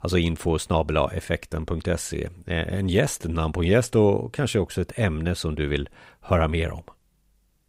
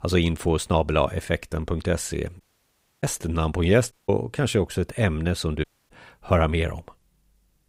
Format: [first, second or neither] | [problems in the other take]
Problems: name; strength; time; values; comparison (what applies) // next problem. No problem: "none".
first | audio cutting out; at 2.5 s for 0.5 s, at 4 s and at 5.5 s